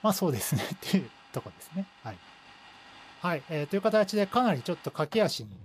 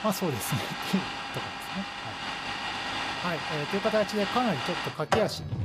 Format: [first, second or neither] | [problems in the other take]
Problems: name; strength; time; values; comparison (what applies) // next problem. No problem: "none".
first | household noises; loud; throughout; 2 dB below the speech; faint in the first